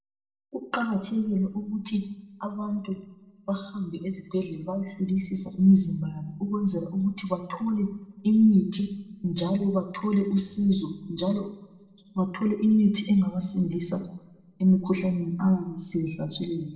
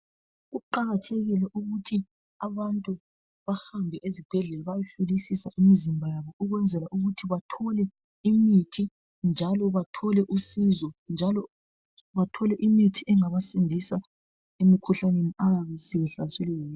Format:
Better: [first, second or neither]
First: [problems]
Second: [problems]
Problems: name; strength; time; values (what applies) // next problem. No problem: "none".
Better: second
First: room echo; dies away in 0.8 s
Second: none